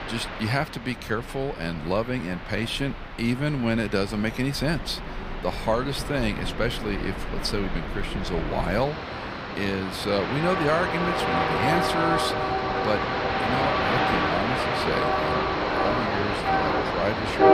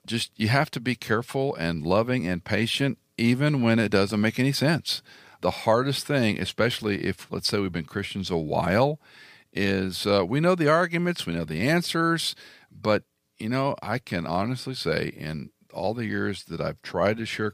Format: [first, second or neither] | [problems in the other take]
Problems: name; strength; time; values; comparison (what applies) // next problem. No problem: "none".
second | train or aircraft noise; very loud; throughout; 1 dB above the speech